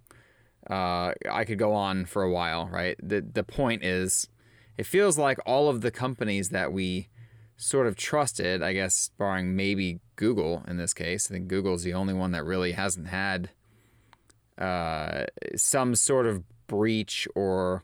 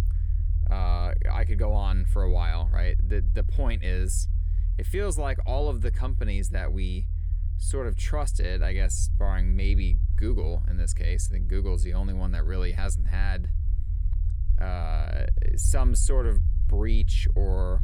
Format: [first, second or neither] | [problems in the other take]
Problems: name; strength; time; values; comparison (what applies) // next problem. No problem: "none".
first | low rumble; noticeable; throughout; 10 dB below the speech